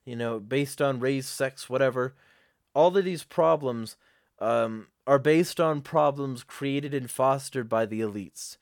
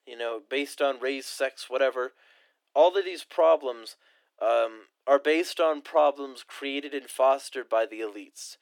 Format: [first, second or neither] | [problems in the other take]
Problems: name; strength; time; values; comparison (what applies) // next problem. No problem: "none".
first | thin; somewhat; fading below 300 Hz